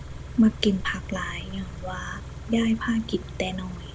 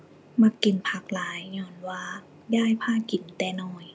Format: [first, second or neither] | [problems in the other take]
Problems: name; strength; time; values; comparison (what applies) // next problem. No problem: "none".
second | background sound (Idling / Car); 10 dB below the speech